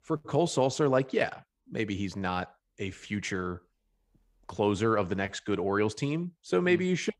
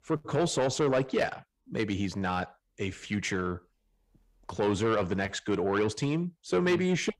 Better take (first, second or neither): first